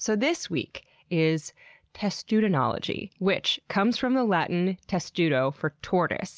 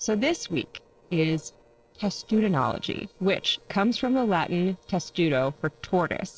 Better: first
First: none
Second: noise reduction (neural separator model SepFormer DNS4)

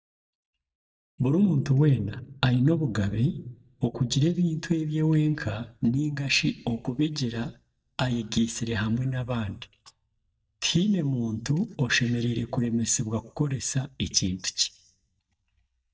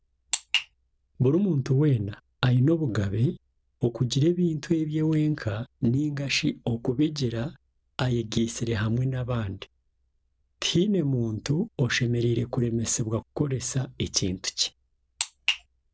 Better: second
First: noise reduction (neural mask model DeepFilterNet 3)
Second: none

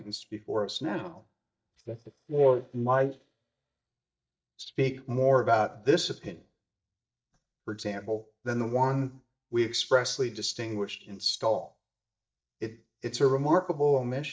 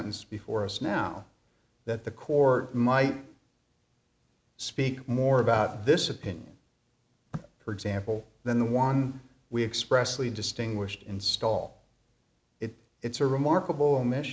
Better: second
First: noise reduction (neural mask model DeepFilterNet 3)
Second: none

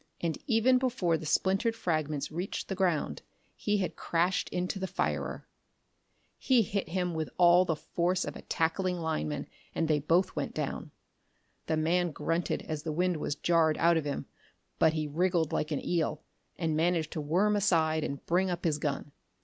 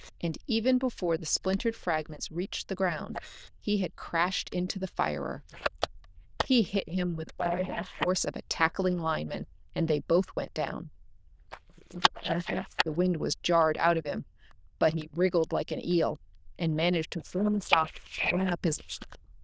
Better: first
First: none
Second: noise reduction (neural diffusion model UNIVERSE++)

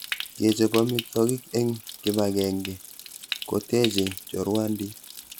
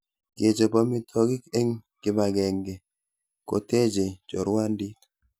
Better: second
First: background sound (Stream); 11 dB below the speech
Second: none

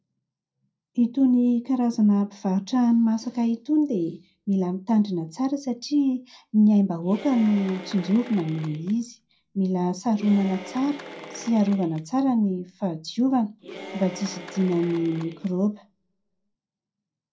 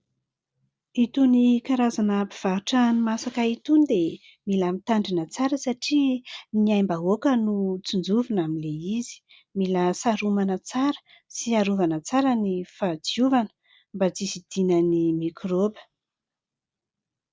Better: second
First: background sound (Applause / Cheering); 17 dB below the speech // room echo; dies away in 0.2 s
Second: none

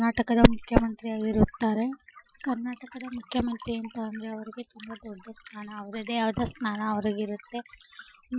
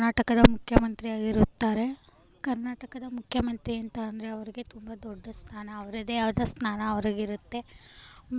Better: second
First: noise reduction (classical method Wiener filter)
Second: none

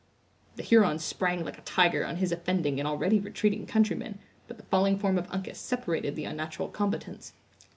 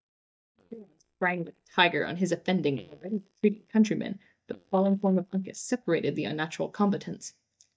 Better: first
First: none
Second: noise reduction (neural mask model DeepFilterNet 3)

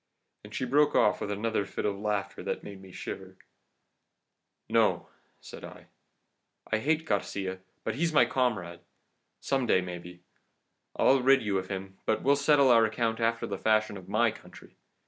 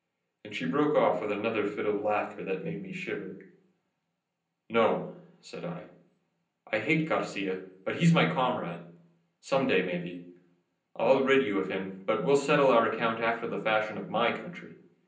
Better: first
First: none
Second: room echo; dies away in 0.6 s

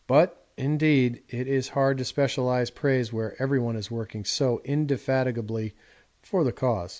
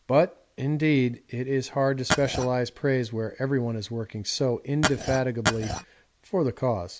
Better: first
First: none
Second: background sound (Glass); 1 dB below the speech

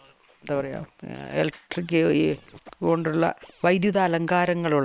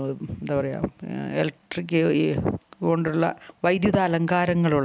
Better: second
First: noise reduction (neural separator model SepFormer WHAM!)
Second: none

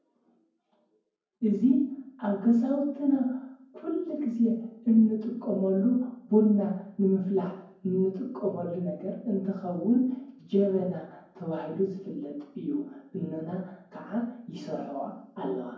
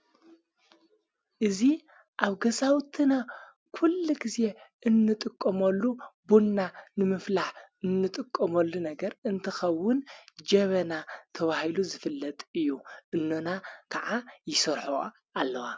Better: second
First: room echo; dies away in 0.9 s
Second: none

